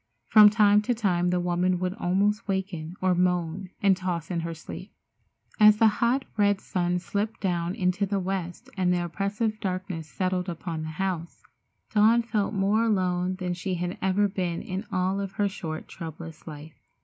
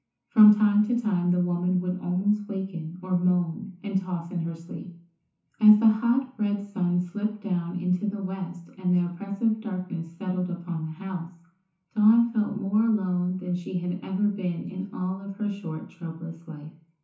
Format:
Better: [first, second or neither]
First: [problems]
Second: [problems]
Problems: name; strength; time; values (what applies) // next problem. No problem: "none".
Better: first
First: none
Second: room echo; dies away in 0.9 s